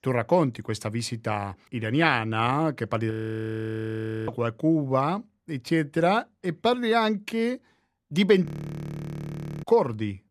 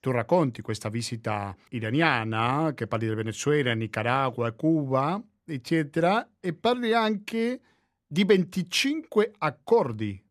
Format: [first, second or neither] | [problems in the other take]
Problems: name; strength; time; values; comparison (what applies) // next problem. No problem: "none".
second | audio freezing; at 3 s for 1 s and at 8.5 s for 1 s